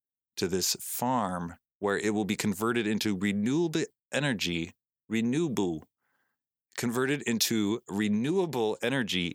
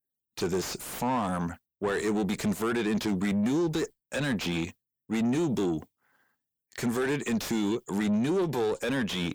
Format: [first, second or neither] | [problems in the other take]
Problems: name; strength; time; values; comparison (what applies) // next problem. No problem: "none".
first | distortion; heavy; 7 dB below the speech